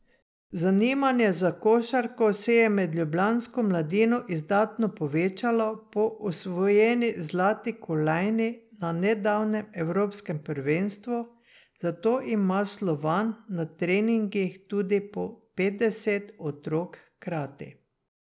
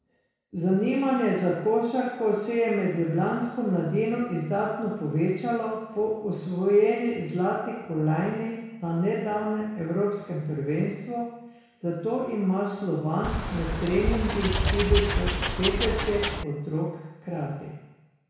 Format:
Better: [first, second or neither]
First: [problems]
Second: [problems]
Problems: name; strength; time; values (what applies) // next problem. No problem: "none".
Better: first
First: none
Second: background sound (Wild animals); as loud as the speech // room echo; dies away in 1.1 s